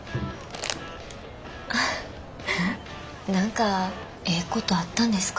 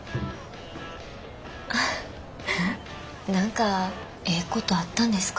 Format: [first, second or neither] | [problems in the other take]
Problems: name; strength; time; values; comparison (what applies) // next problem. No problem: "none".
second | background sound (Crumpling, crinkling); 12 dB below the speech